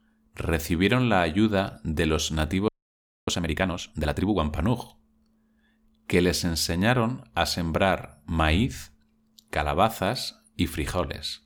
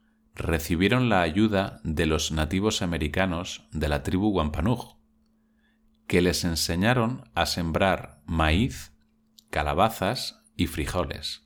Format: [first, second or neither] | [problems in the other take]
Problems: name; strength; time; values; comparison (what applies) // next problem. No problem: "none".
second | audio freezing; at 2.5 s for 0.5 s